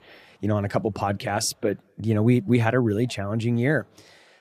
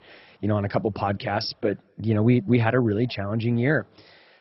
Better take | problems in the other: first | garbled, watery; badly; nothing above 5.5 kHz

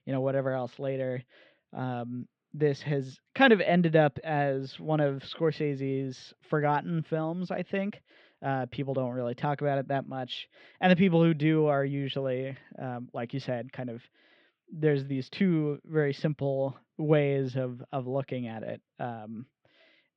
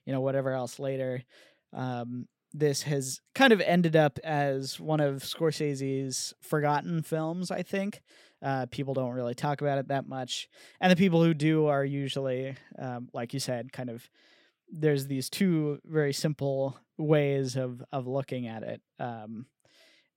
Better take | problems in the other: second | muffled; slightly; fading above 3.5 kHz

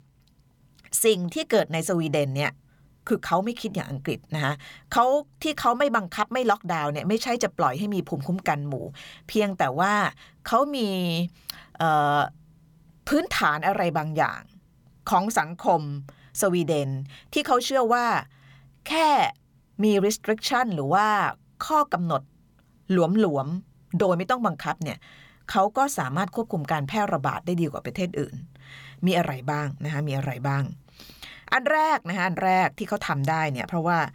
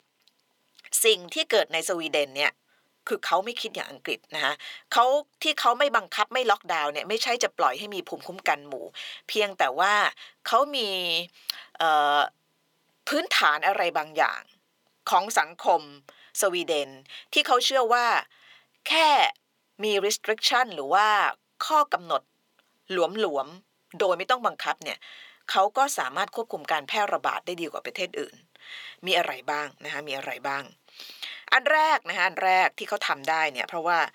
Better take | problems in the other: first | thin; very; fading below 400 Hz

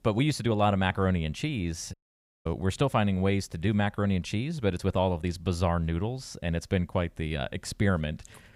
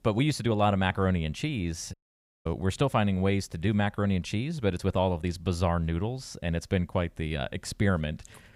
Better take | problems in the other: neither | audio cutting out; at 2 s for 0.5 s; the same in both

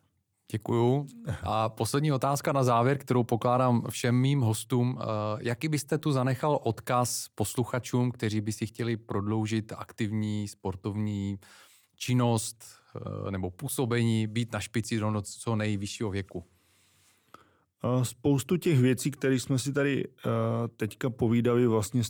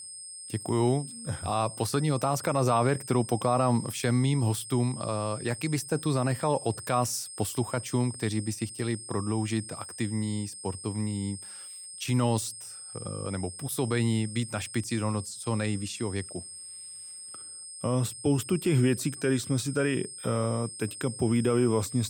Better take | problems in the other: first | high-pitched whine; noticeable; throughout; 8.5 kHz, 10 dB below the speech

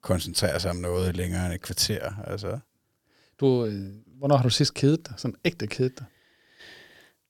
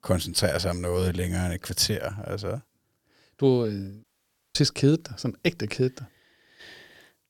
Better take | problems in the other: first | audio cutting out; at 4 s for 0.5 s

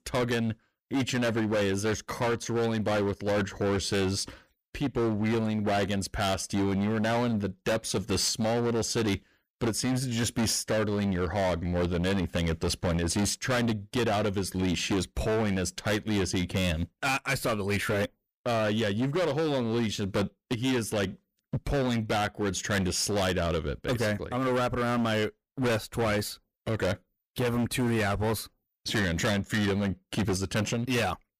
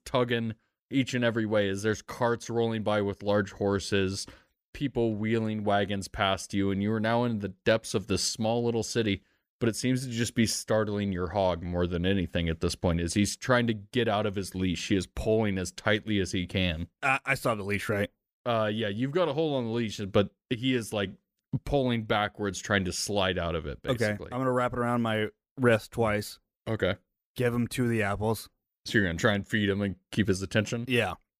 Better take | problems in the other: second | distortion; heavy; 21% of the sound clipped

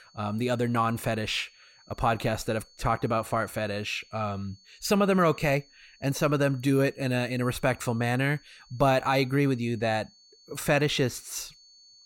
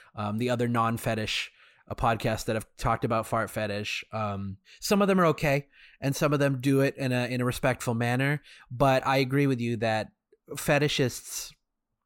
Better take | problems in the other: second | high-pitched whine; faint; throughout; 4.5 kHz, 30 dB below the speech

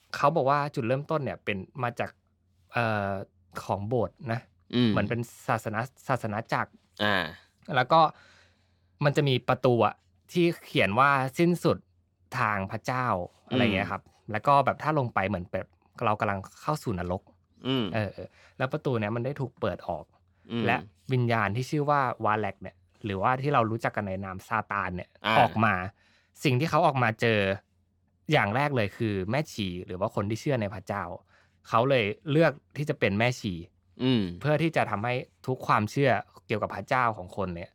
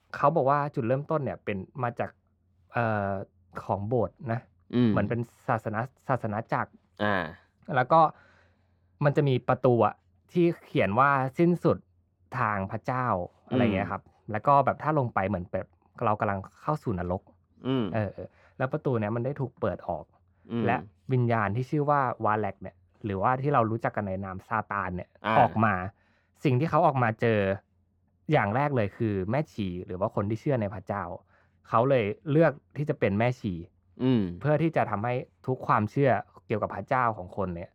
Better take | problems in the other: first | muffled; slightly; fading above 2.5 kHz

